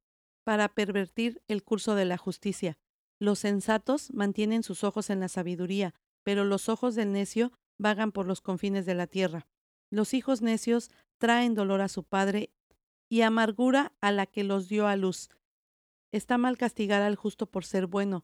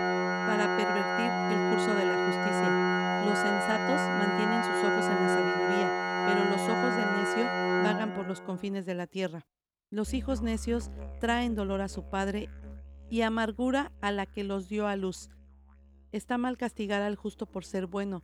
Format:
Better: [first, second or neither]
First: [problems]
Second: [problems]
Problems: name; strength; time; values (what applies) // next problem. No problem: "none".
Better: first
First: none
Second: background music; very loud; throughout; 5 dB above the speech